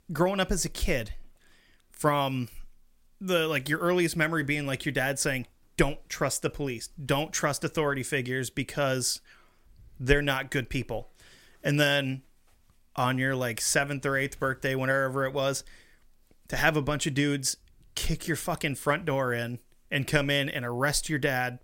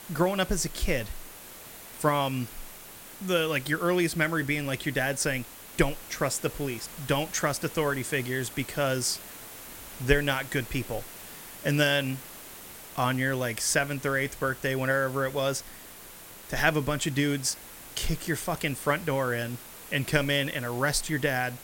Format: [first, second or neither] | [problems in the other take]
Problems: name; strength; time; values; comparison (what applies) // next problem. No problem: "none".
first | hiss; noticeable; throughout; 15 dB below the speech